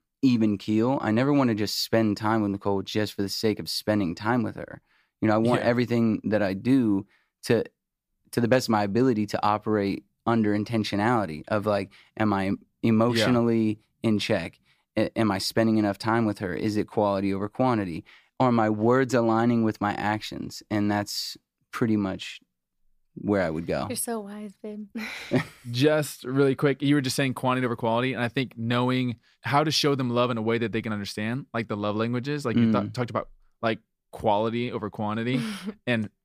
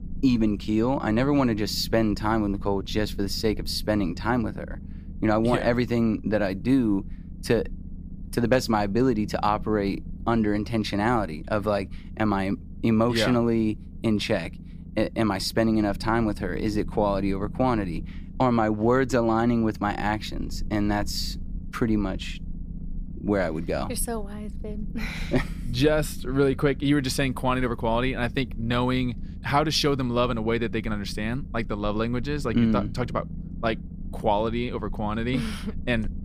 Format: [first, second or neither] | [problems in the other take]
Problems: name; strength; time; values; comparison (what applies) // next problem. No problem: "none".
first | low rumble; faint; throughout; 20 dB below the speech